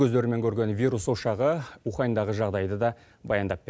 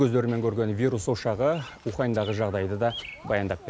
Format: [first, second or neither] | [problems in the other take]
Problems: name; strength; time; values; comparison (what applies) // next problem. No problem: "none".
first | background sound (Bird vocalization, bird call, bird song); 19 dB below the speech